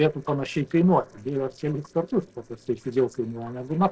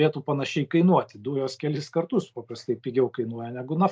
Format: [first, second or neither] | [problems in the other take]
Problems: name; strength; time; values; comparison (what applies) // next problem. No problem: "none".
second | noise reduction (neural separator model SepFormer DNS4)